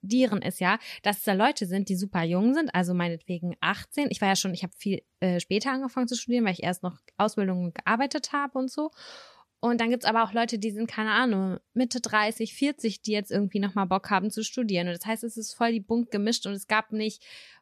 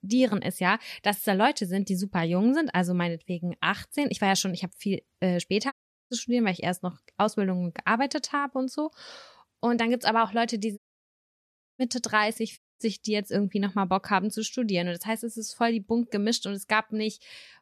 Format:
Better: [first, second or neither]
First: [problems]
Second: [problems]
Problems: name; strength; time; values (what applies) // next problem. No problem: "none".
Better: first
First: none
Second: audio cutting out; at 5.5 s, at 11 s for 1 s and at 13 s